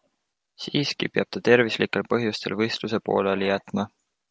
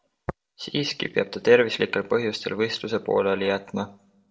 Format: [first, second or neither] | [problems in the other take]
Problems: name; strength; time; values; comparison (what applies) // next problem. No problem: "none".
first | background sound (Tap); 19 dB below the speech // room echo; dies away in 0.3 s